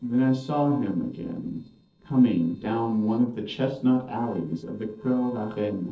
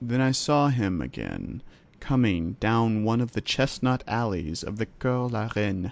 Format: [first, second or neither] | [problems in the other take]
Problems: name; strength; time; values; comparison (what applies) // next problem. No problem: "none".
second | noise reduction (neural separator model SepFormer DNS4)